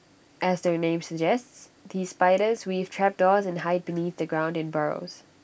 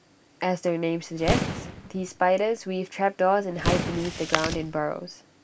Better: first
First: none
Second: background sound (Boom + Chewing, mastication); 4 dB below the speech

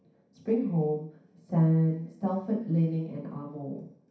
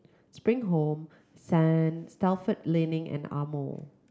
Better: second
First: room echo; dies away in 0.6 s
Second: none

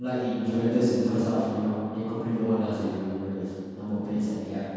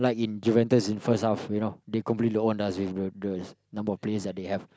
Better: second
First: room echo; dies away in 2.1 s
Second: none

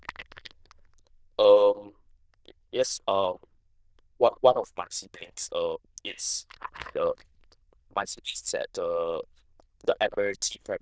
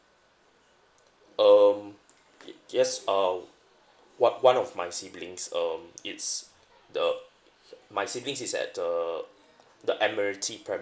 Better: second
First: noise reduction (neural diffusion model UNIVERSE++)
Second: none

